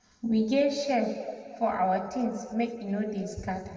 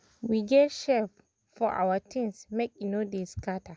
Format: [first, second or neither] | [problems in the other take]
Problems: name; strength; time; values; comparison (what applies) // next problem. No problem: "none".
second | room echo; dies away in 2 s